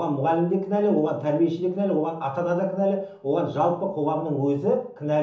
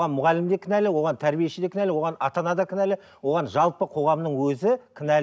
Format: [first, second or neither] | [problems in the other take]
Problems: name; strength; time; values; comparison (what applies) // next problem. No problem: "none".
second | room echo; dies away in 1.2 s